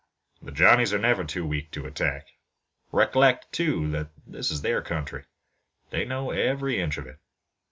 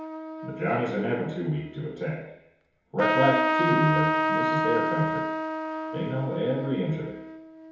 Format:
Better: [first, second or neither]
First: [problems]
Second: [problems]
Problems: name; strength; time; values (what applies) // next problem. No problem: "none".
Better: first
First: none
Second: background sound (Trumpet); as loud as the speech // room echo; dies away in 1 s